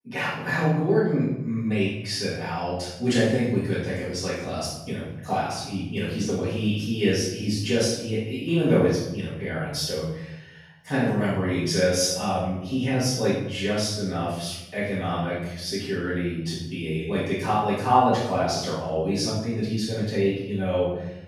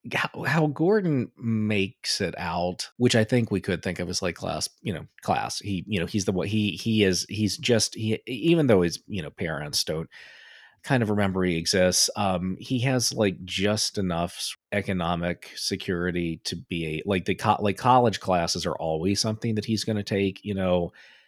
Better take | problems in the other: second | off-mic speech; far // room echo; strong; dies away in 0.8 s

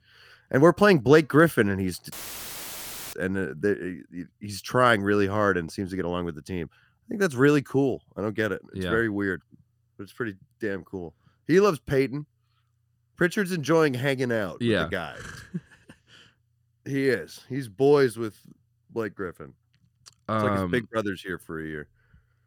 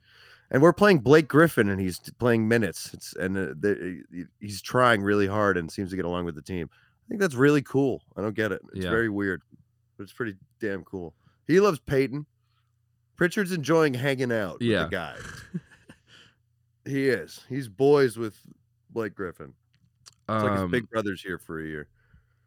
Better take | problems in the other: second | audio cutting out; filled with static; at 2 s for 1 s

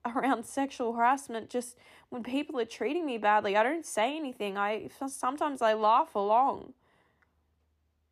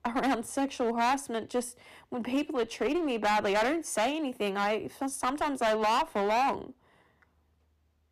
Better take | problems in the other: first | distortion; heavy; 13% of the sound clipped

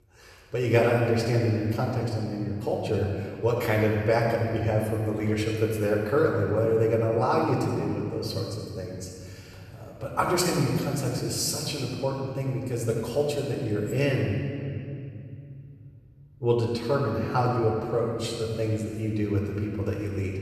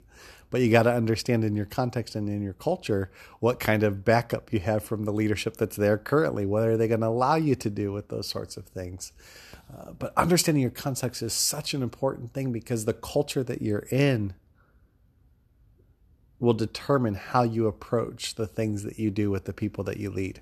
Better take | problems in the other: second | off-mic speech; far // room echo; noticeable; dies away in 2.3 s

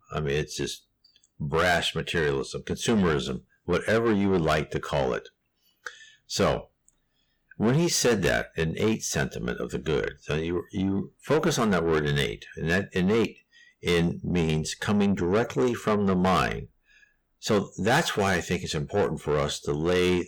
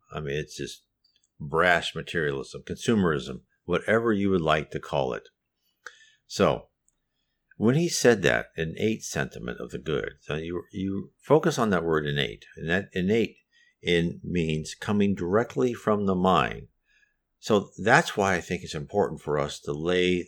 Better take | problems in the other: second | distortion; heavy; 7 dB below the speech

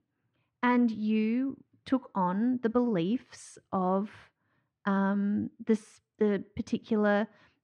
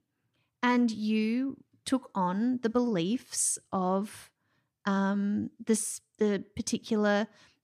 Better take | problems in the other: second | muffled; very; fading above 2.5 kHz

